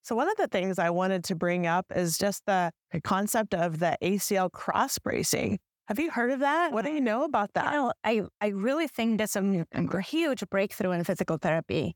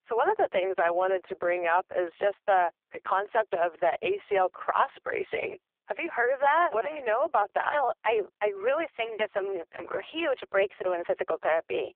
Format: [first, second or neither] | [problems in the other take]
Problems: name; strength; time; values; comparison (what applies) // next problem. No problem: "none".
first | phone-call audio; poor line